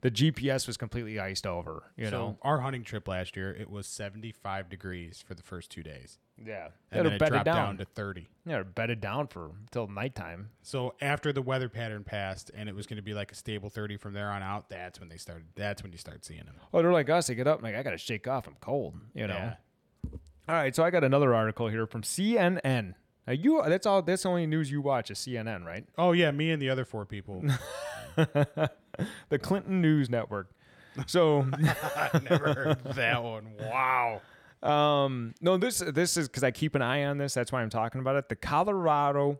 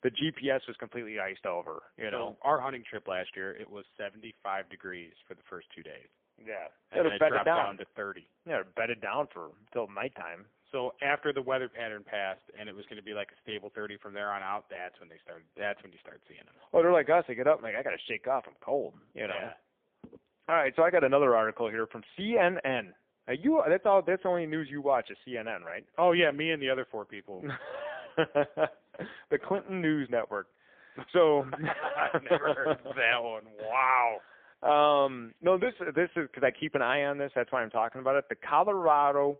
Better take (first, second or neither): first